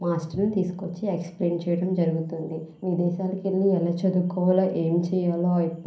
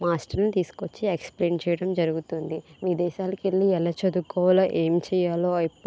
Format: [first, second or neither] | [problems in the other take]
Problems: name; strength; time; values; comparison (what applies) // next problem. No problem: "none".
second | room echo; dies away in 0.6 s